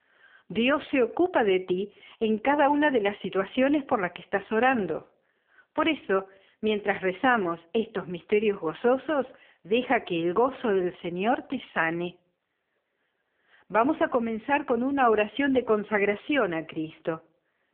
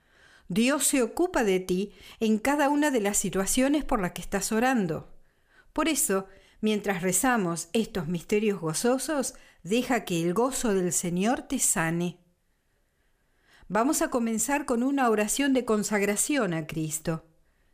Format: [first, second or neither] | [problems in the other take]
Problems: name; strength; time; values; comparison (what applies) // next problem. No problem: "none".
second | phone-call audio; poor line